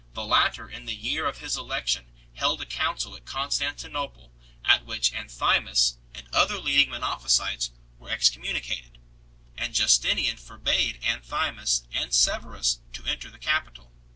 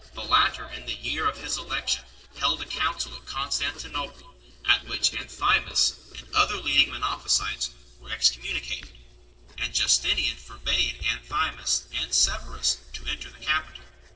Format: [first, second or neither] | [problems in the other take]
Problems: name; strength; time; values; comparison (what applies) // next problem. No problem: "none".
first | noise reduction (neural separator model SepFormer DNS4)